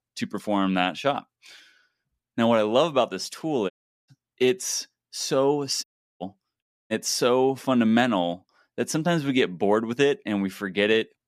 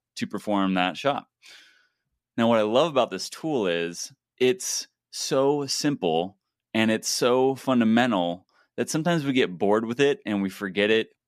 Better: second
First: audio cutting out; at 3.5 s, at 6 s and at 6.5 s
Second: none

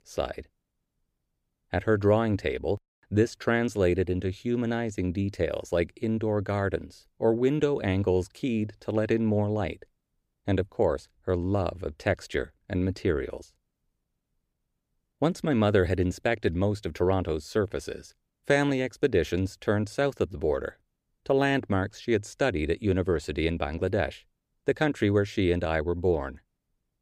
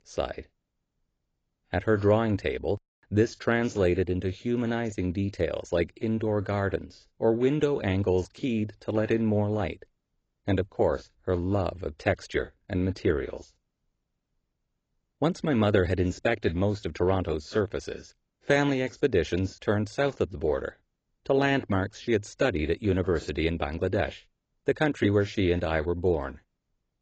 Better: first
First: none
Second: garbled, watery; badly; nothing above 7.5 kHz

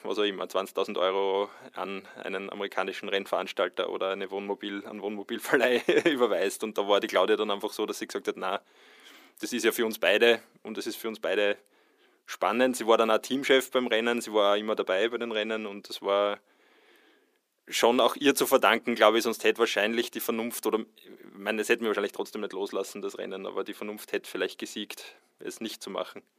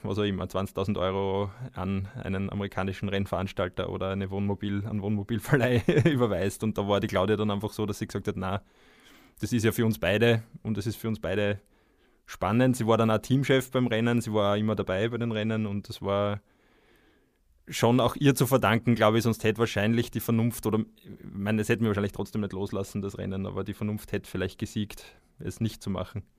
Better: second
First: thin; somewhat; fading below 300 Hz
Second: none

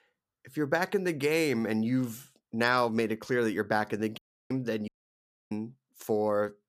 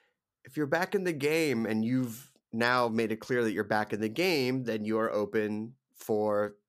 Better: second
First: audio cutting out; at 4 s and at 5 s for 0.5 s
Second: none

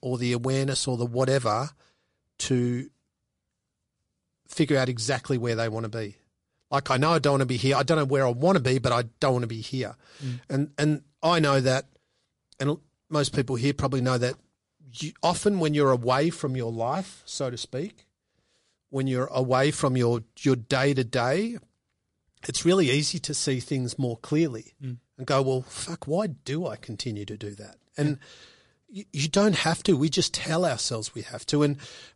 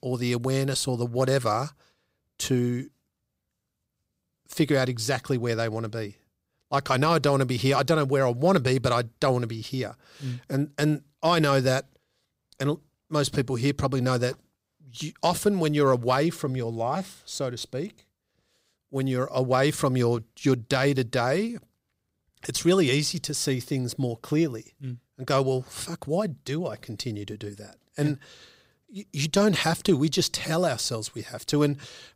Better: second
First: garbled, watery; slightly; nothing above 10.5 kHz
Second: none

